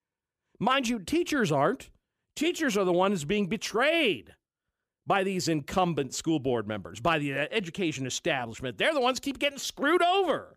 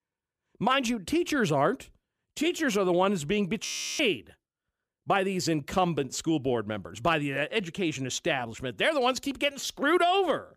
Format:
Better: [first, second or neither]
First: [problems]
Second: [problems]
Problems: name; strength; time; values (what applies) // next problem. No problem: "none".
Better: first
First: none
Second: audio freezing; at 3.5 s